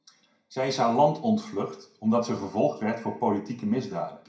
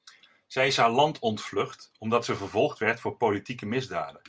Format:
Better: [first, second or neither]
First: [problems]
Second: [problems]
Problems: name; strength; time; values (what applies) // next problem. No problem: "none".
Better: second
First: room echo; dies away in 0.5 s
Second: none